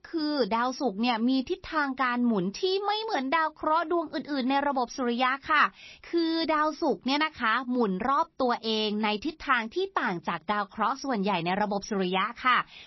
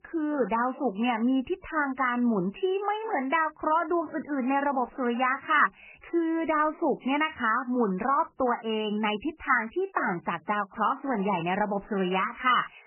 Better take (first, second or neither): first